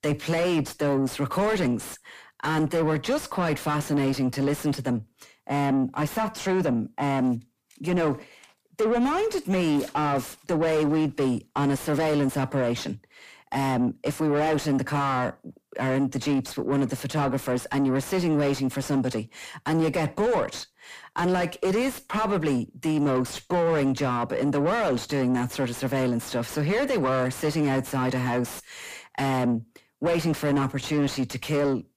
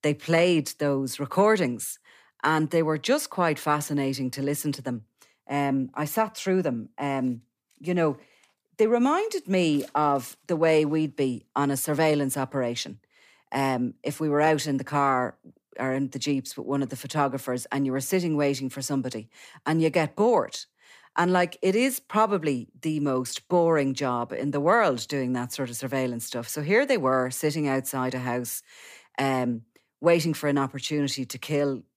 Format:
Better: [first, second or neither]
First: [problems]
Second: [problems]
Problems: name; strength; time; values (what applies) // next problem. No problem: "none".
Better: second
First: distortion; heavy; 6 dB below the speech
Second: none